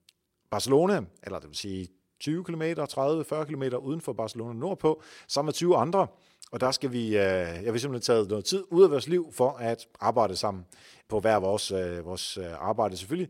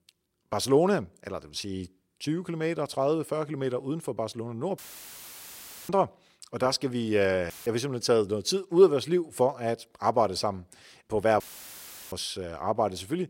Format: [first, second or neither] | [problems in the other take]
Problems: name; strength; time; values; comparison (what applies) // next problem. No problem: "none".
first | audio cutting out; filled with static; at 5 s for 1 s, at 7.5 s and at 11 s for 0.5 s